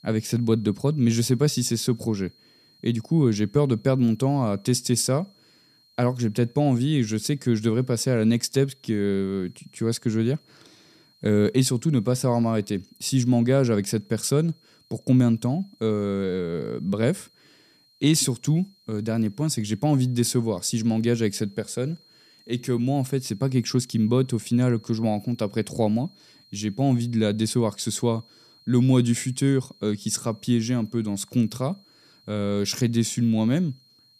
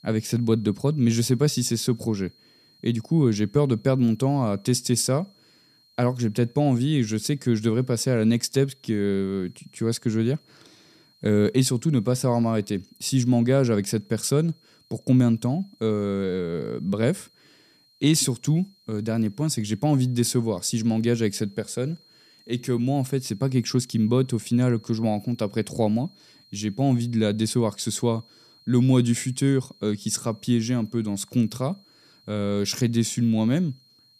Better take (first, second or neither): neither